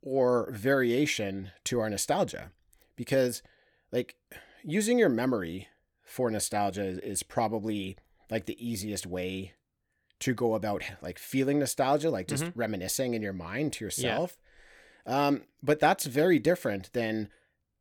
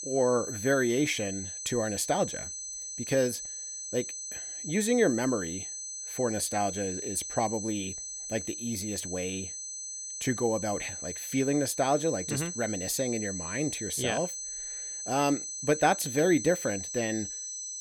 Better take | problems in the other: first | high-pitched whine; loud; throughout; 6 kHz, 6 dB below the speech

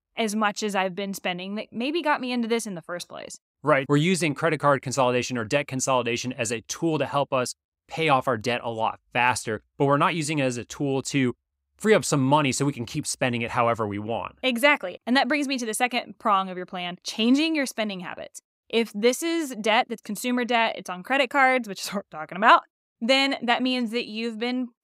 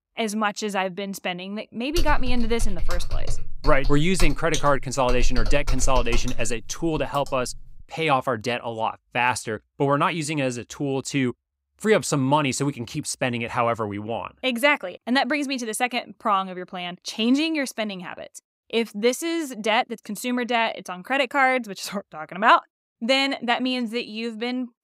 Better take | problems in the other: first | keyboard typing; noticeable; from 2 to 7 s; peak 4 dB below the speech

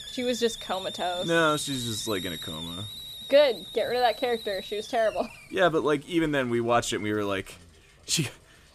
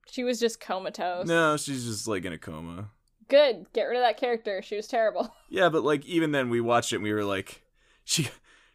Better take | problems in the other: second | hiss; loud; throughout; 10 dB below the speech

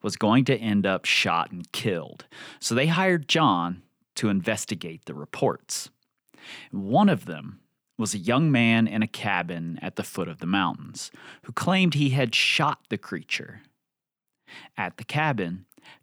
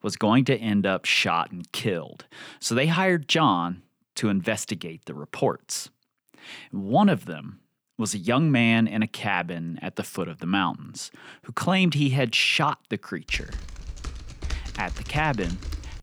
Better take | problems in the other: first | keyboard typing; noticeable; from 13 s on; peak 10 dB below the speech

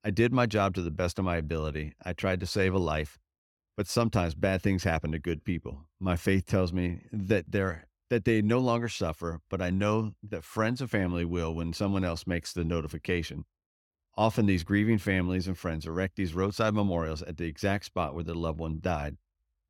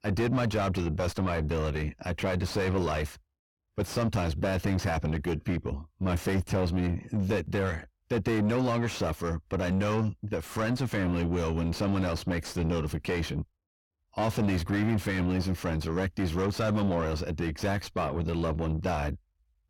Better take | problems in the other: first | distortion; heavy; 6 dB below the speech

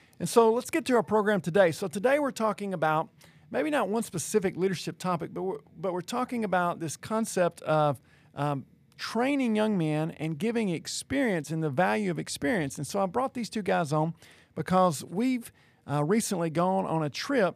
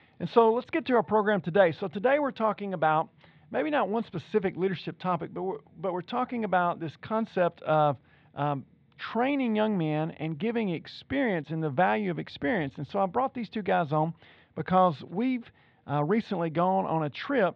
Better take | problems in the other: first | muffled; very; fading above 3.5 kHz

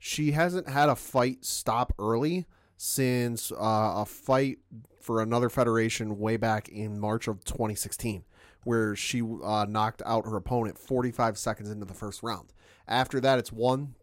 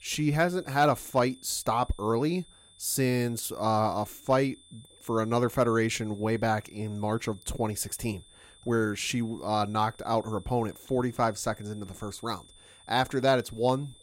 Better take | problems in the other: first | high-pitched whine; faint; throughout; 3.5 kHz, 25 dB below the speech

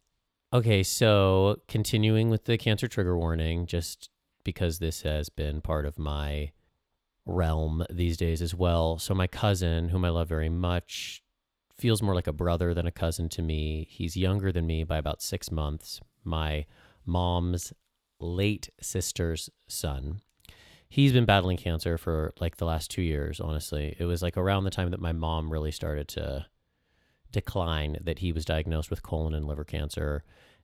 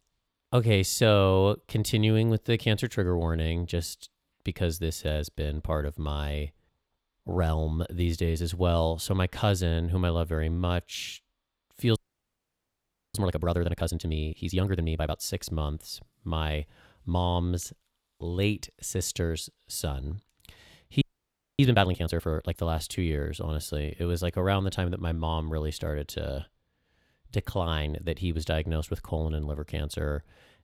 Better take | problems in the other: first | audio freezing; at 12 s for 1 s and at 21 s for 0.5 s

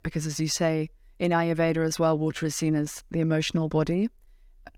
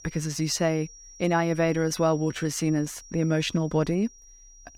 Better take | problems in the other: first | high-pitched whine; faint; throughout; 5.5 kHz, 20 dB below the speech

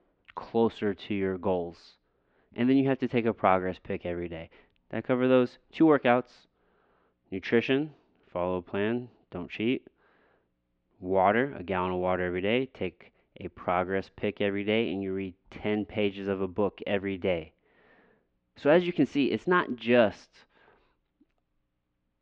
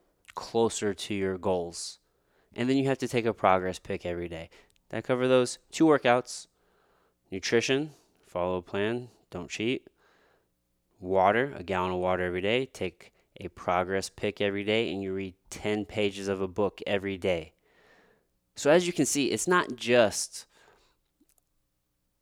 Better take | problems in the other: second | muffled; very; fading above 3 kHz

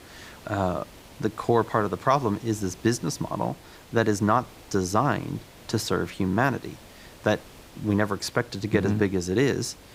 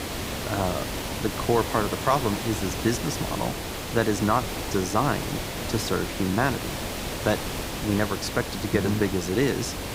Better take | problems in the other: first | hiss; loud; throughout; 4 dB below the speech; faint in the first

